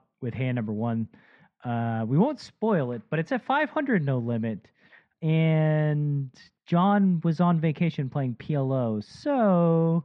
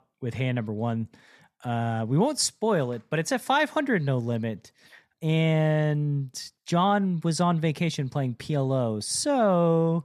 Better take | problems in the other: second | muffled; very; fading above 3 kHz

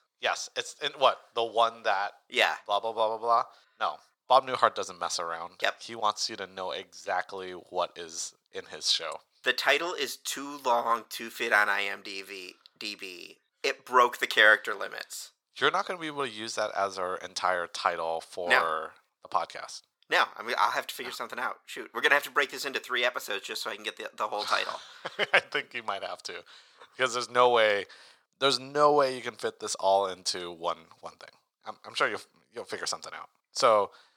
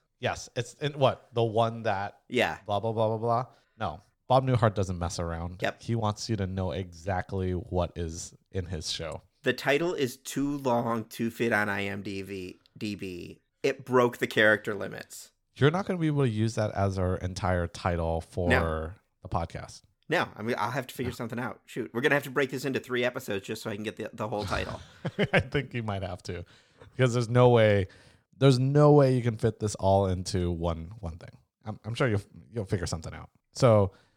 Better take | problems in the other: second | thin; very; fading below 650 Hz

